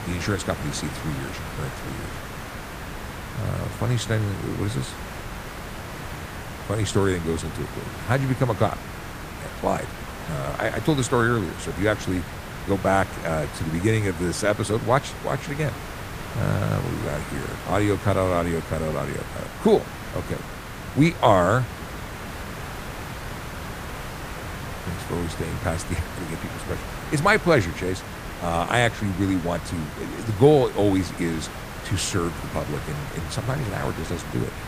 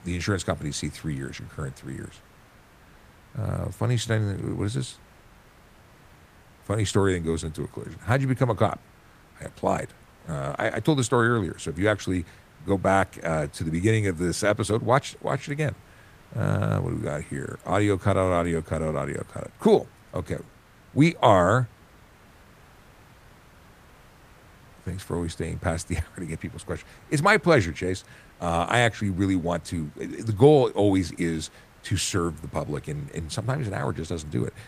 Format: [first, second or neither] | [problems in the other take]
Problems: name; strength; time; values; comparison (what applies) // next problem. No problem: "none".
second | hiss; loud; throughout; 10 dB below the speech; faint in the second